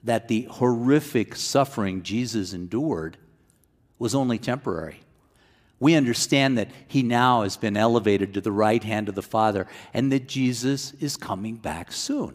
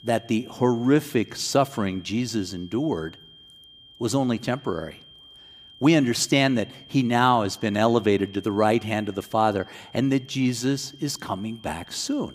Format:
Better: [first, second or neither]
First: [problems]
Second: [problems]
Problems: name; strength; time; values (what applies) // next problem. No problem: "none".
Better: first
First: none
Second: high-pitched whine; faint; throughout; 3 kHz, 25 dB below the speech